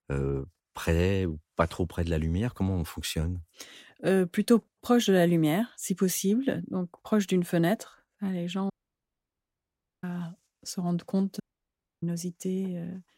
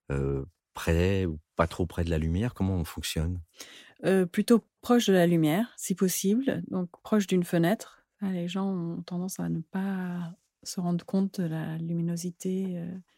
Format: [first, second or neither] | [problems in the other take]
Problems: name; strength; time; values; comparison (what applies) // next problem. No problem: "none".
second | audio cutting out; at 8.5 s for 1.5 s and at 11 s for 0.5 s